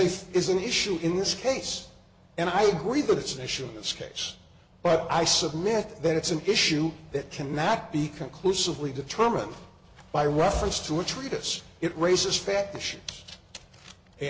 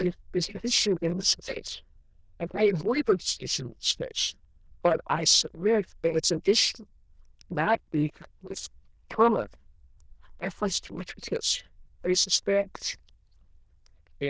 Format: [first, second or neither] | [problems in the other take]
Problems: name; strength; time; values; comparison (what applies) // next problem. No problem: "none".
first | noise reduction (neural diffusion model UNIVERSE++)